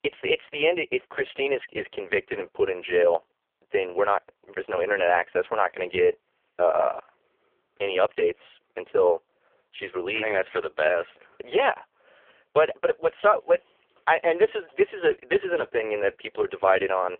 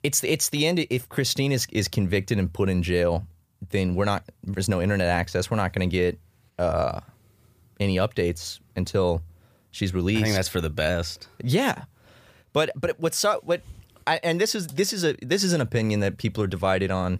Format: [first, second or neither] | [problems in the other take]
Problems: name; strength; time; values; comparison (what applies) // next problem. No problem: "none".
second | phone-call audio; poor line